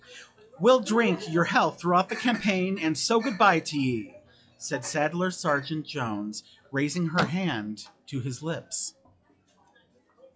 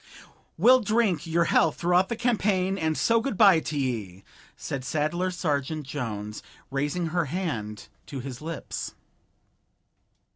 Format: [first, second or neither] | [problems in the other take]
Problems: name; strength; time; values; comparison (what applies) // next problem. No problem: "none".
second | noise reduction (classical method log-MMSE)